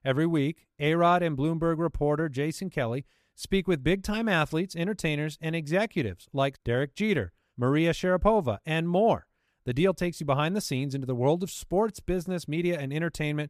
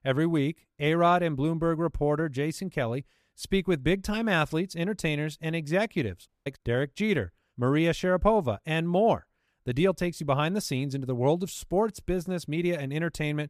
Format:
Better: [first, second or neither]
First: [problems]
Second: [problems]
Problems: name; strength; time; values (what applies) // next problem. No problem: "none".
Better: first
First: none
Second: audio cutting out; at 6.5 s